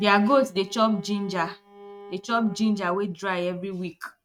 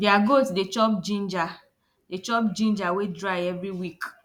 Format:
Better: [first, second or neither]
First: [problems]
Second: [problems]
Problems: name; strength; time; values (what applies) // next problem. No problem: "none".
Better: second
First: noise reduction (neural mask model RNNoise)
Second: none